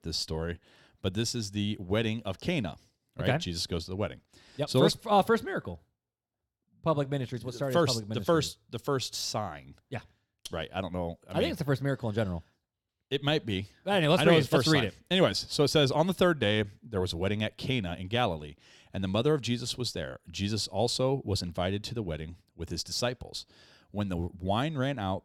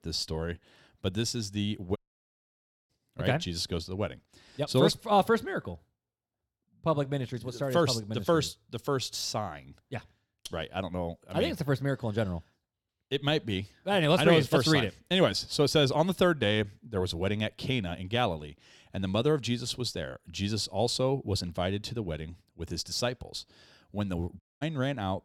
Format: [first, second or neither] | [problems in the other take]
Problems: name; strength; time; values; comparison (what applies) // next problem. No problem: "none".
first | audio cutting out; at 2 s for 1 s and at 24 s